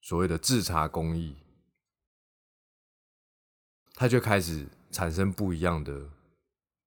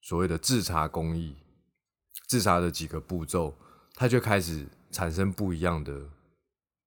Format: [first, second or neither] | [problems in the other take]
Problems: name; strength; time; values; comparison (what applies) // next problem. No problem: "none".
second | audio cutting out; at 2 s for 2 s